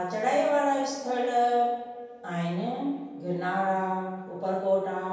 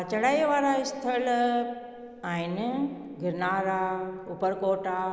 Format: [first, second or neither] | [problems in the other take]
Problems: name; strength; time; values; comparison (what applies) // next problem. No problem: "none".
second | room echo; dies away in 0.7 s